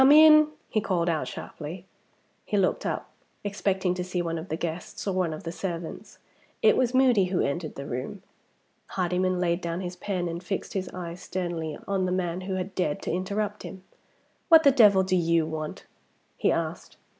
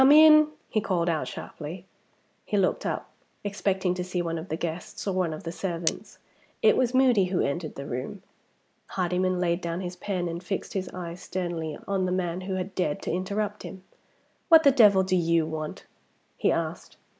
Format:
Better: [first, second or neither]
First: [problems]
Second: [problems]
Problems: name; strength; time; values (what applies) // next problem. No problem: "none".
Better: first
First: none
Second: background sound (Cutlery, silverware); 12 dB below the speech